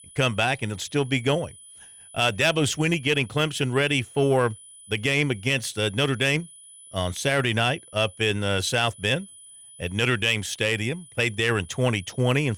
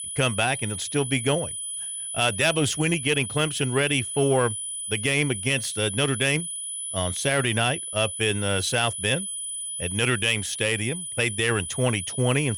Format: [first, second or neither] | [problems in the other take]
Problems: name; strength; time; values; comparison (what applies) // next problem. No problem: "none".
first | high-pitched whine; loud; throughout; 10 kHz, 6 dB below the speech; faint in the first